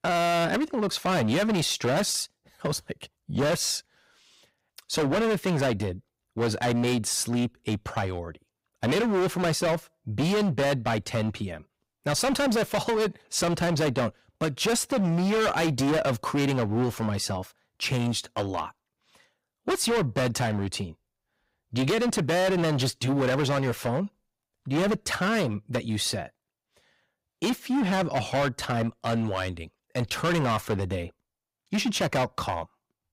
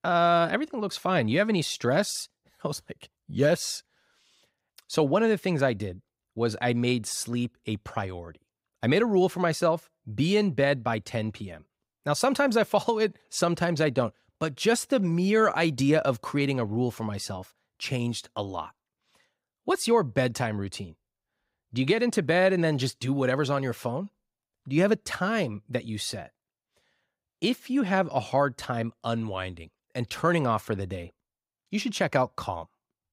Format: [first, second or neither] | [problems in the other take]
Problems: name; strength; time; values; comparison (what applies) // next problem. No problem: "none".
second | distortion; heavy; 19% of the sound clipped